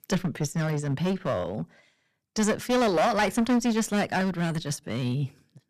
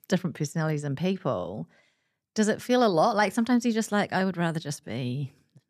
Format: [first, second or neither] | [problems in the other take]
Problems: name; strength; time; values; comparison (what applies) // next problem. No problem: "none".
second | distortion; heavy; 12% of the sound clipped